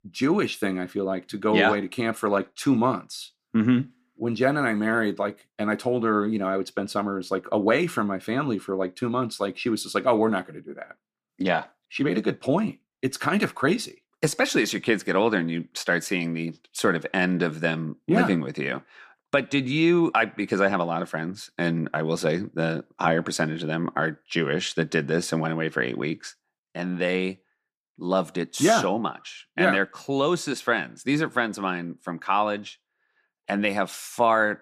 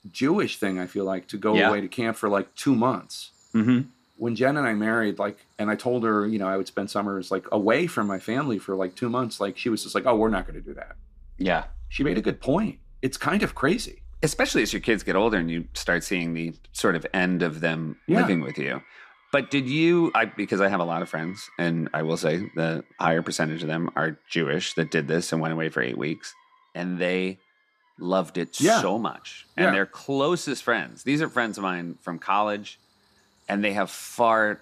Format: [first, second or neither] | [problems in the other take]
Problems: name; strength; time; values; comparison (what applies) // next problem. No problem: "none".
first | animal sounds; faint; throughout; 25 dB below the speech